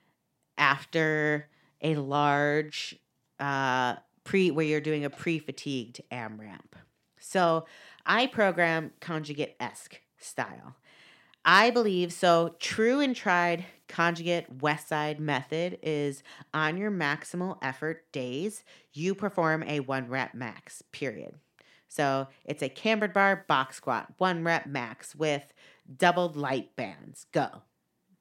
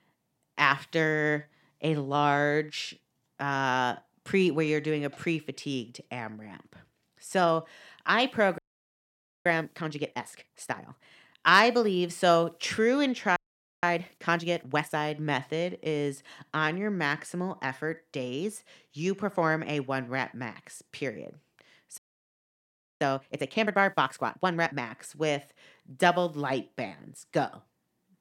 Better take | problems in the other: first | audio freezing; at 8.5 s for 1 s, at 13 s and at 22 s for 1 s

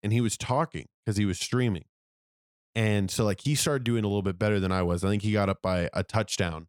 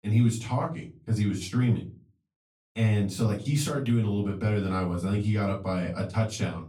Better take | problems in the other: first | off-mic speech; far // room echo; very slight; dies away in 0.3 s

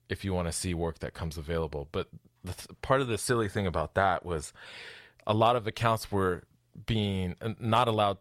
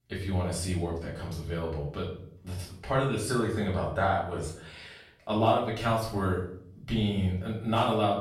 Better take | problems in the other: first | off-mic speech; far // room echo; noticeable; dies away in 0.5 s

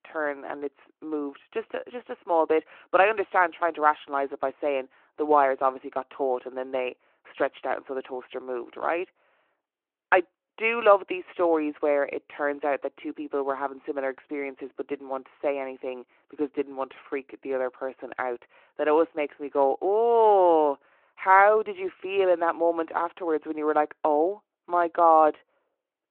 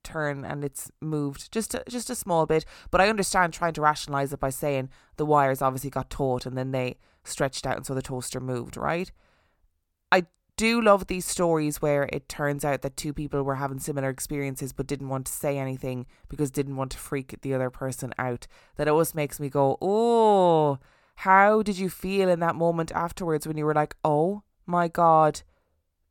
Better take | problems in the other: second | phone-call audio

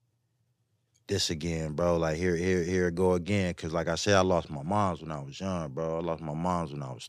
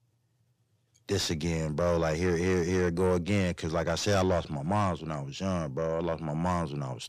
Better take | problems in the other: first | distortion; slight; 9 dB below the speech

